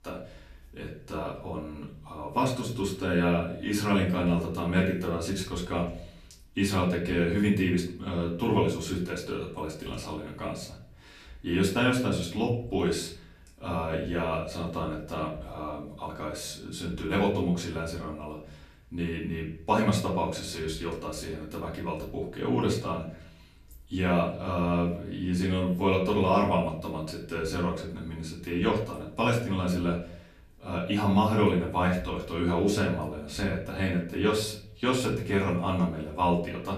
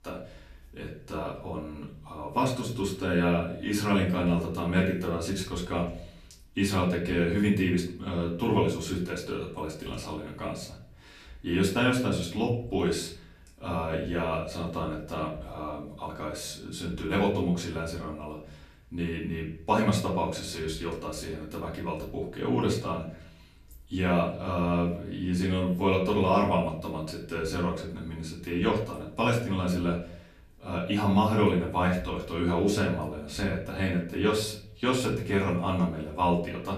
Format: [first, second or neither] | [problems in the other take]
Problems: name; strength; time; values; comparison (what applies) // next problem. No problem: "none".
neither | room echo; slight; dies away in 0.5 s; the same in both // off-mic speech; far; the same in both